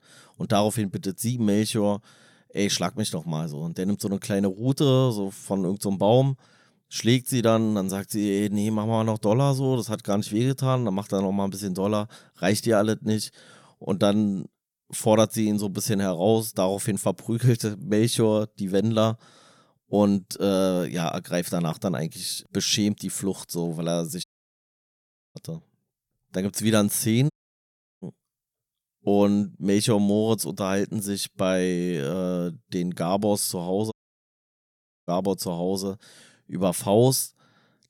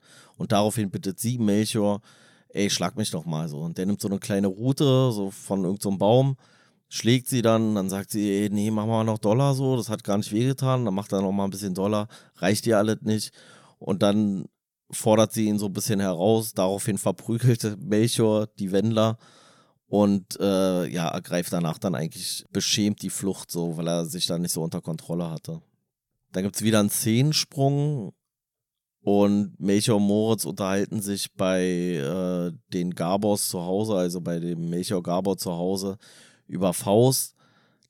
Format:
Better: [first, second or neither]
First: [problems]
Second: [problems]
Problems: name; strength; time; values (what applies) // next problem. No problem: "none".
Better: second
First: audio cutting out; at 24 s for 1 s, at 27 s for 0.5 s and at 34 s for 1 s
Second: none